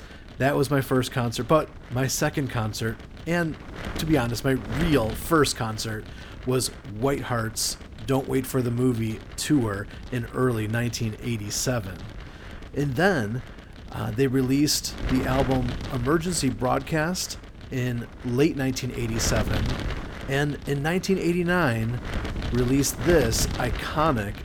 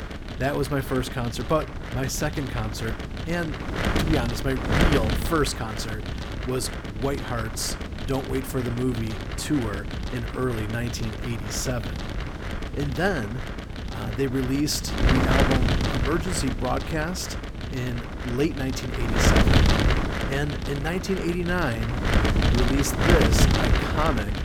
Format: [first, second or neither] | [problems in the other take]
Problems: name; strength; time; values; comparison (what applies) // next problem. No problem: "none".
first | wind noise on the microphone; heavy; as loud as the speech; occasional gusts in the first